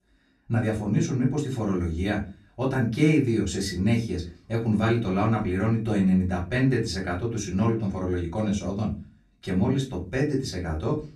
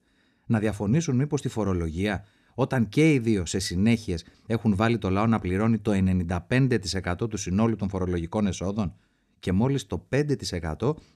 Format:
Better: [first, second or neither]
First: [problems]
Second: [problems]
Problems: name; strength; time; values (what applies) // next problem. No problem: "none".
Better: second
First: off-mic speech; far // room echo; very slight; dies away in 0.3 s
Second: none